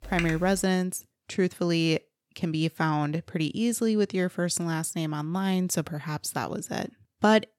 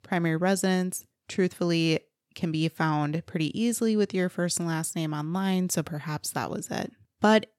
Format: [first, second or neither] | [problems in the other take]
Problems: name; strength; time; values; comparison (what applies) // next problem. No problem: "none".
second | keyboard typing; noticeable; at the start; peak 6 dB below the speech